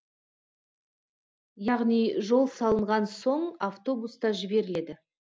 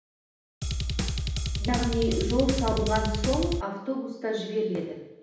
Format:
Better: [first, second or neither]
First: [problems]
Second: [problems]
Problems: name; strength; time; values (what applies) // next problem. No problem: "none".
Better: first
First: none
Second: background sound (Drum kit); 1 dB above the speech // room echo; dies away in 0.9 s